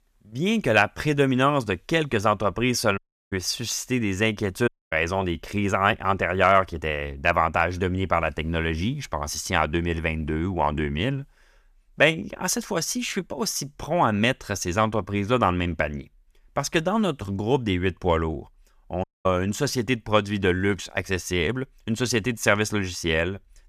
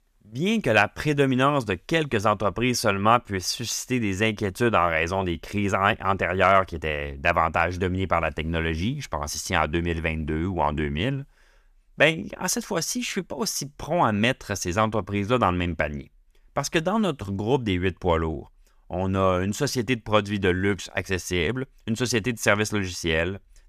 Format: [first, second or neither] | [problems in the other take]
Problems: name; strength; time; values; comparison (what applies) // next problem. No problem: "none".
second | audio cutting out; at 3 s, at 4.5 s and at 19 s